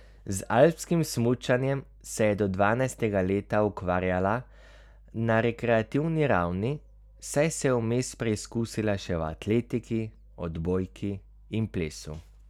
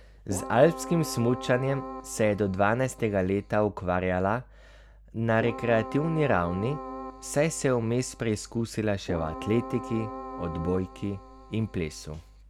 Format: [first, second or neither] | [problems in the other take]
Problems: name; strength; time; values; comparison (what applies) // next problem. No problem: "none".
first | background sound (Keyboard (musical)); 12 dB below the speech